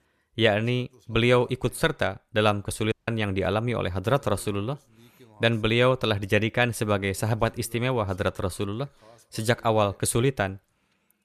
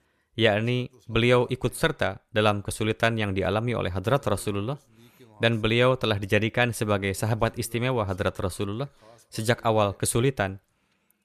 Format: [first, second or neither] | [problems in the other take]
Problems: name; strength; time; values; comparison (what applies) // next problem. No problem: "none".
second | audio cutting out; at 3 s